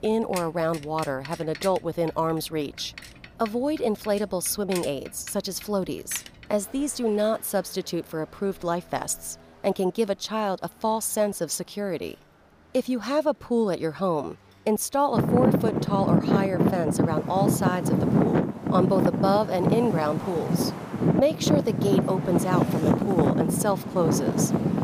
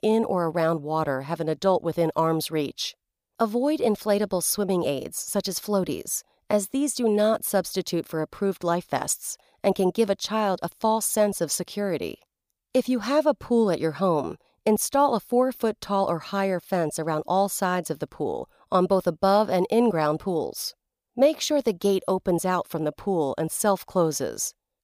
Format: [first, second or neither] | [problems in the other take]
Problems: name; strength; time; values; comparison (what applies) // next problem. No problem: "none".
second | traffic noise; very loud; throughout; 2 dB above the speech